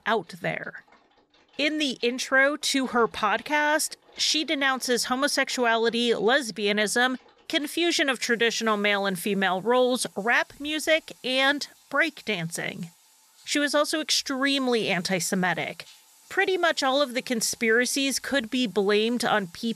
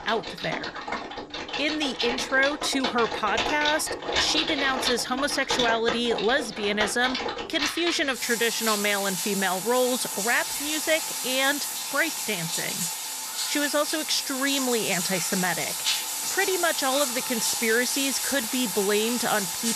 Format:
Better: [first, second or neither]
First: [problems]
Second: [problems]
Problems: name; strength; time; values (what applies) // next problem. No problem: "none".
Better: first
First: household noises; faint; throughout; 30 dB below the speech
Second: household noises; loud; throughout; 2 dB below the speech